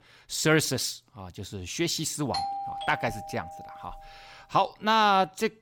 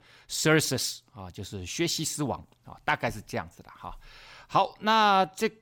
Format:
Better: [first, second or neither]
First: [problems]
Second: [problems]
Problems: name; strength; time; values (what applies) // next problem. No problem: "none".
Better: second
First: doorbell; noticeable; from 2.5 to 4 s; peak 5 dB below the speech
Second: none